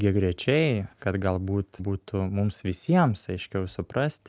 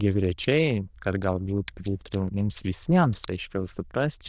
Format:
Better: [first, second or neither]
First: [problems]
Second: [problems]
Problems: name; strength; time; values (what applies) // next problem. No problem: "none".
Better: first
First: none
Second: noise reduction (neural diffusion model UNIVERSE++)